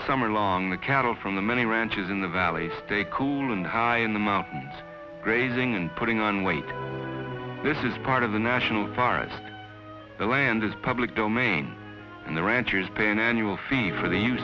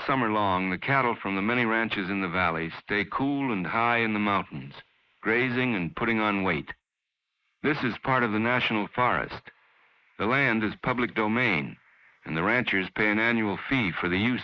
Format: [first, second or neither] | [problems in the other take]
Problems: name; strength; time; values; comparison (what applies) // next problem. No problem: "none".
first | noise reduction (neural mask model Resemble Enhance denoiser)